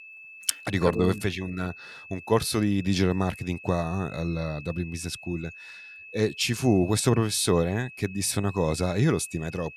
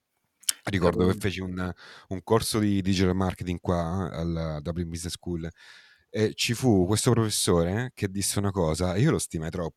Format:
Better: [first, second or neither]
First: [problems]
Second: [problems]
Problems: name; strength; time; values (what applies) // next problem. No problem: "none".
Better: second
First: high-pitched whine; noticeable; throughout; 2.5 kHz, 15 dB below the speech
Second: none